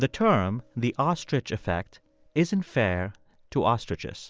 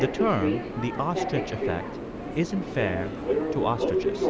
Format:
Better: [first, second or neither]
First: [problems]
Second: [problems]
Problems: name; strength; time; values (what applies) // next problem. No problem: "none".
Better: first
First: none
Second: background sound (Subway, metro, underground); 1 dB above the speech